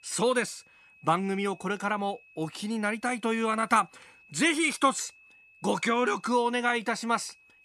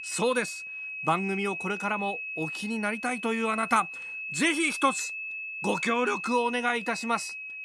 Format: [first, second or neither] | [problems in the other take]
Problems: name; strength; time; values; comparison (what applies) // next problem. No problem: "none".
first | high-pitched whine; loud; throughout; 2.5 kHz, 6 dB below the speech; faint in the first